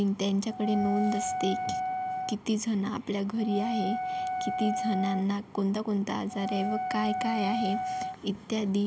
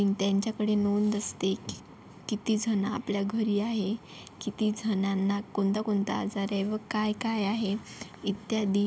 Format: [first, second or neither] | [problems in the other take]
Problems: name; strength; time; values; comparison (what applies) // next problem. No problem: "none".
second | background sound (Wind instrument, woodwind instrument); 4 dB below the speech